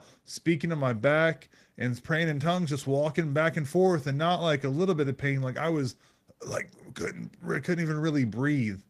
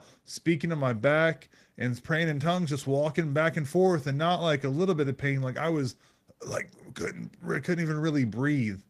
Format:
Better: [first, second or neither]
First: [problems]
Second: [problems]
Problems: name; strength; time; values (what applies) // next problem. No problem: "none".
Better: neither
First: garbled, watery; slightly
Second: garbled, watery; slightly